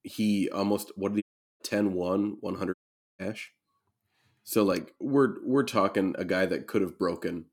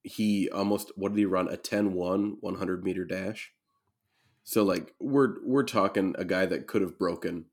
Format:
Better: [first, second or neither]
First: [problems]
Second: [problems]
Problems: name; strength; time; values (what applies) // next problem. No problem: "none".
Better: second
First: audio cutting out; at 1 s and at 2.5 s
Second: none